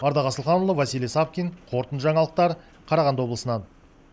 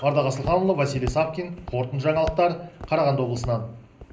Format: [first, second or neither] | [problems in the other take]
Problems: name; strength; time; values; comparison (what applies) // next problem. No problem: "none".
first | background sound (Walk, footsteps); 14 dB below the speech // room echo; dies away in 0.5 s